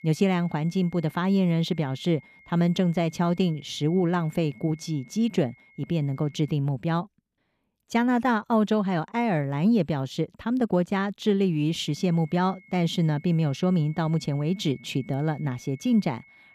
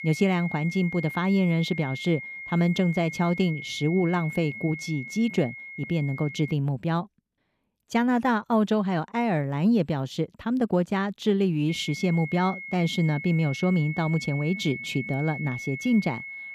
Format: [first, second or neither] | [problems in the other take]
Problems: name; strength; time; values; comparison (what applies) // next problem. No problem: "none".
first | high-pitched whine; loud; until 6.5 s and from 12 s on; 2 kHz, 10 dB below the speech; faint in the first